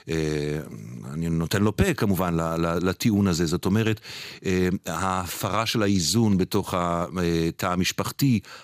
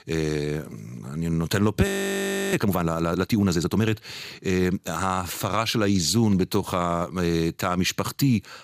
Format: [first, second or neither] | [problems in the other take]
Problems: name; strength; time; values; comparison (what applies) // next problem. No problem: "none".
first | audio freezing; at 2 s for 0.5 s